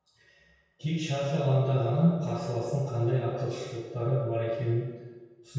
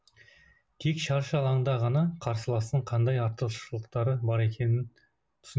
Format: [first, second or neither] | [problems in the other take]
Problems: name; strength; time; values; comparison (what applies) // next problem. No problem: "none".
second | room echo; dies away in 1.2 s